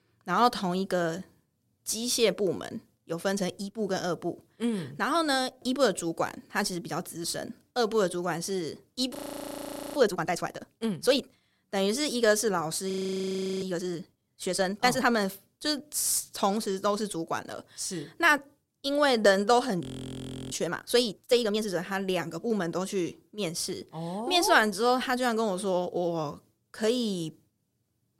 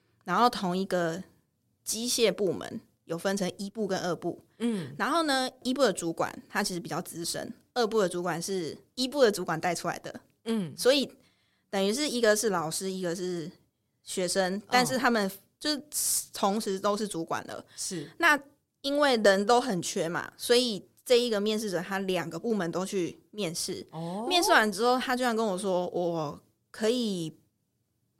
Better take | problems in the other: second | audio freezing; at 9 s for 1 s, at 13 s for 0.5 s and at 20 s for 0.5 s

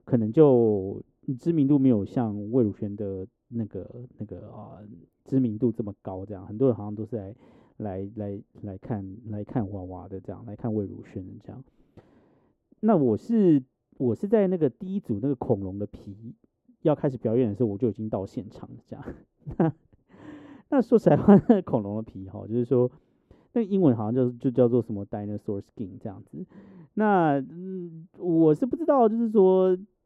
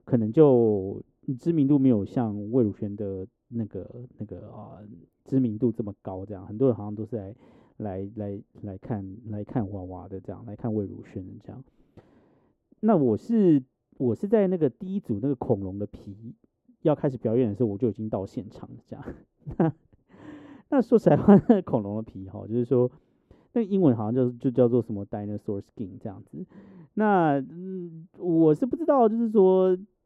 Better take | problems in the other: neither | muffled; very; fading above 1 kHz; the same in both

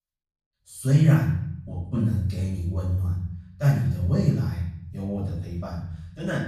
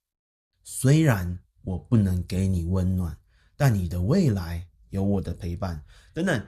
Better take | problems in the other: second | off-mic speech; far // room echo; noticeable; dies away in 0.8 s

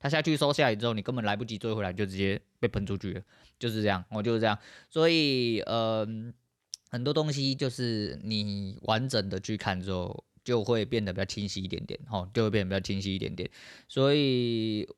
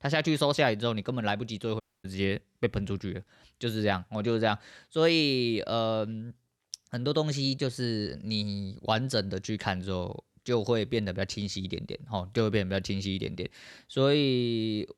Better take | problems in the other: first | audio cutting out; at 2 s

